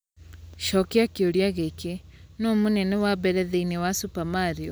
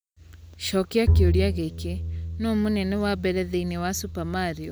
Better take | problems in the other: first | background sound (Bowed string instrument); as loud as the speech

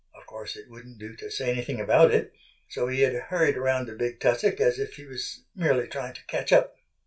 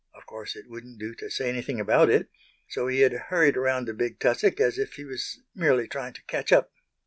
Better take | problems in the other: second | room echo; dies away in 0.2 s

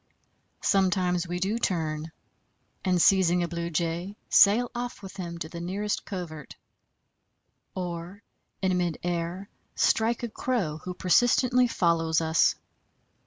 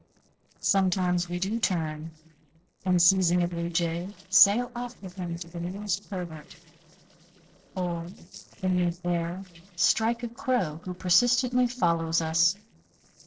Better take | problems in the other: first | noise reduction (neural separator model SepFormer DNS4)

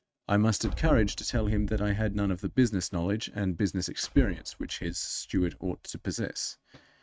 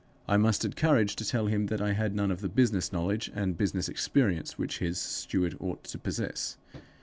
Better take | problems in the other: second | noise reduction (neural mask model RNNoise)

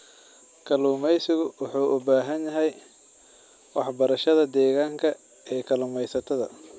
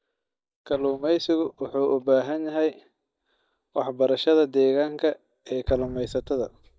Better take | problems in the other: first | noise reduction (neural mask model DeepFilterNet 3)

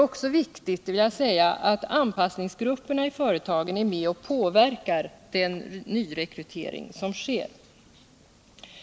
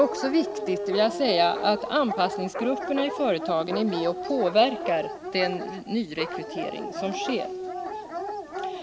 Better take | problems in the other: first | background sound (Dog); 6 dB below the speech

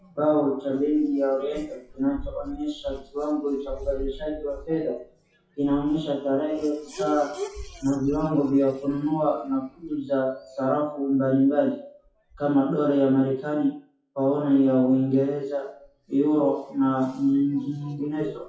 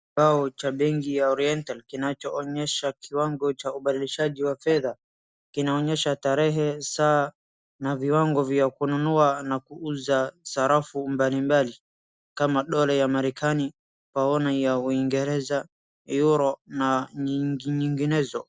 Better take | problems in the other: second | noise reduction (classical method WPE with log-MMSE)

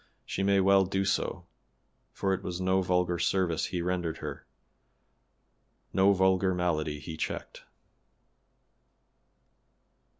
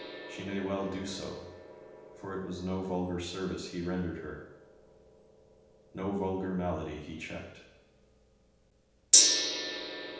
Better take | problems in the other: first | background sound (Gong); 3 dB above the speech // room echo; dies away in 0.9 s

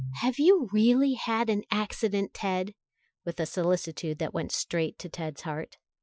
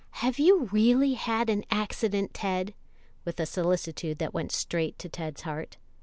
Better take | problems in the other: second | noise reduction (classical method Wiener filter)

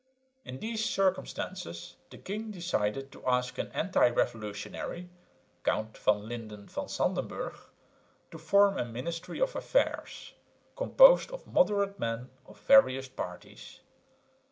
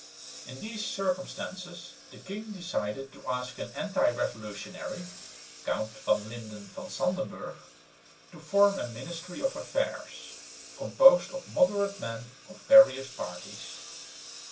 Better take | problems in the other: first | background sound (Engine); 18 dB below the speech // room echo; dies away in 0.2 s

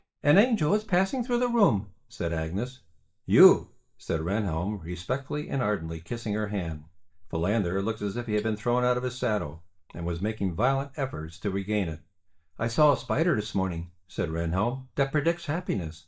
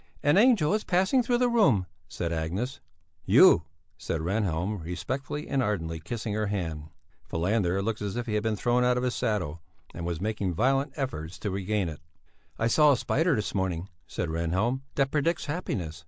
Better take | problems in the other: second | noise reduction (neural mask model DeepFilterNet 3)

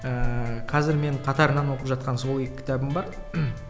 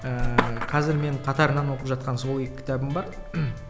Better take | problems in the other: first | background sound (Skateboard); 9 dB below the speech

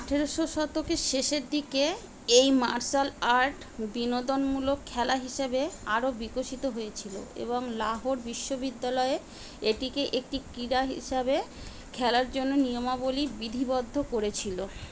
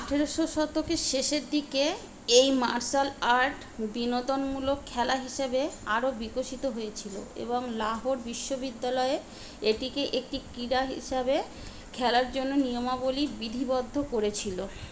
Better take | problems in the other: first | room echo; dies away in 0.7 s

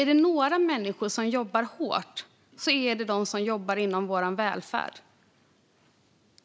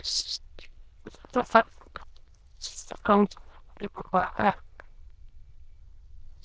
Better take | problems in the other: first | noise reduction (neural diffusion model UNIVERSE++)

